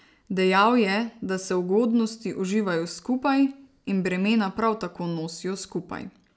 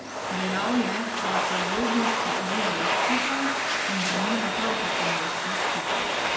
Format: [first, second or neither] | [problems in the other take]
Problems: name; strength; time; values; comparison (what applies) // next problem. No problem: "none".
first | background sound (Domestic sounds, home sounds); 5 dB above the speech // room echo; dies away in 1.3 s